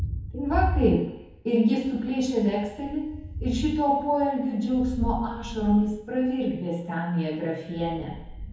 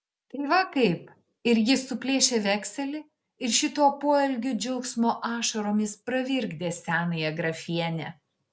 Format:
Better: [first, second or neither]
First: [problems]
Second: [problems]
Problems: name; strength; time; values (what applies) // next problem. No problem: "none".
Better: second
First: background sound (Thunder); 8 dB below the speech // room echo; dies away in 2 s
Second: none